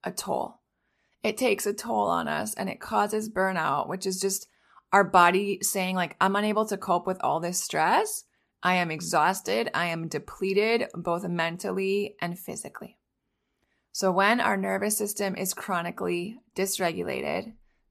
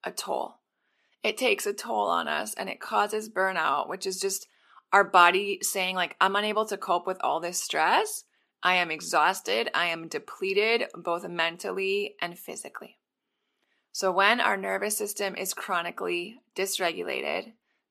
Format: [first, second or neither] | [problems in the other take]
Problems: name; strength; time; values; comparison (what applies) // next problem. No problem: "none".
first | thin; somewhat; fading below 350 Hz